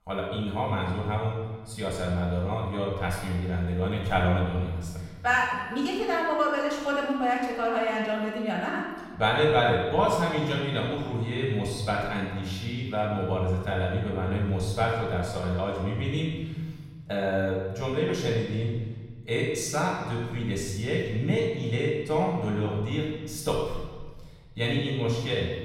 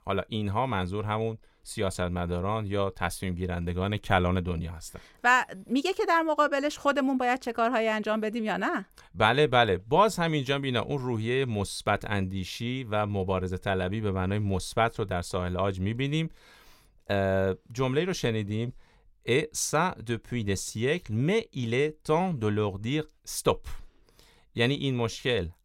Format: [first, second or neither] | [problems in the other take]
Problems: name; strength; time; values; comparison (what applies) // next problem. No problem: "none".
second | off-mic speech; far // room echo; noticeable; dies away in 1.4 s